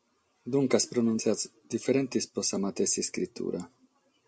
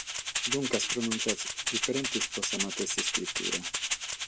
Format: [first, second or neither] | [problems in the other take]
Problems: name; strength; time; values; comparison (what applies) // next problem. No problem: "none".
first | background sound (Rattle (instrument)); 3 dB above the speech